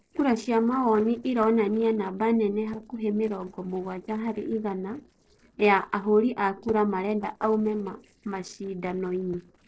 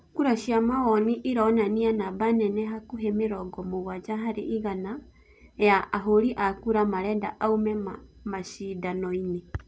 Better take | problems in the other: second | noise reduction (neural separator model SepFormer DNS4)

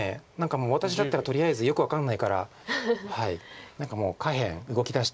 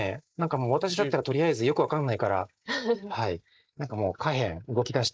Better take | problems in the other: first | noise reduction (neural mask model Resemble Enhance denoiser)

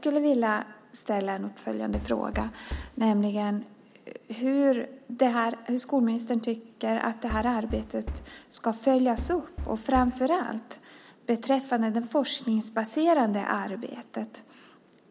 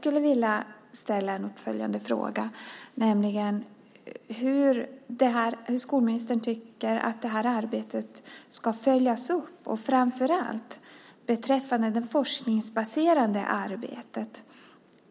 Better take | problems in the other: second | background sound (Knock); 10 dB below the speech

